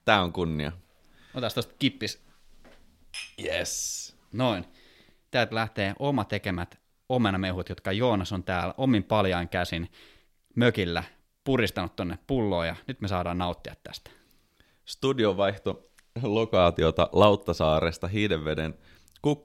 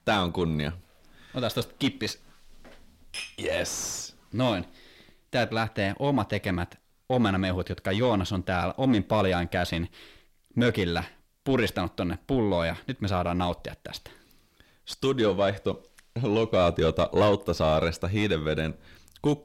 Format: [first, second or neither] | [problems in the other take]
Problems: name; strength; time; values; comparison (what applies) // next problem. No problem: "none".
first | distortion; slight; 10 dB below the speech